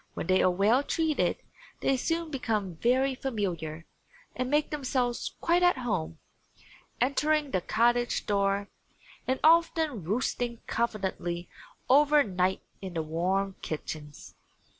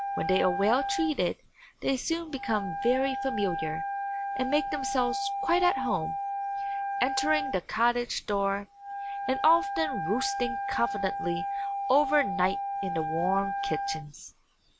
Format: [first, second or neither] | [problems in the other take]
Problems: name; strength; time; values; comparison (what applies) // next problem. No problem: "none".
first | background sound (Wind instrument, woodwind instrument); 3 dB below the speech